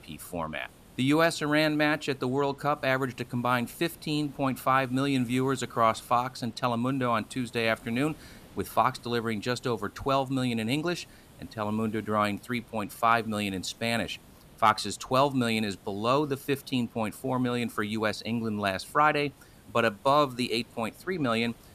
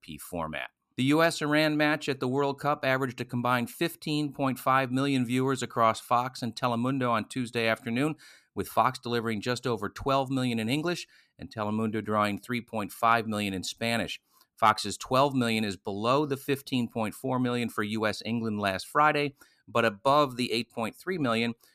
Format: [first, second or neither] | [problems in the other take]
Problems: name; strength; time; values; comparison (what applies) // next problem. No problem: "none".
second | hiss; faint; throughout; 25 dB below the speech